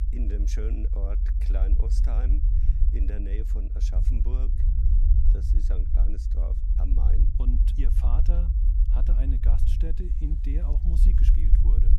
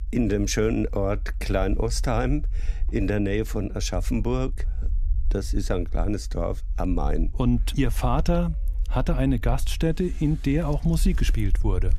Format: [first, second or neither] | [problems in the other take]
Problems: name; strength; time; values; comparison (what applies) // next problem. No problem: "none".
second | low rumble; loud; throughout; 1 dB below the speech; faint in the second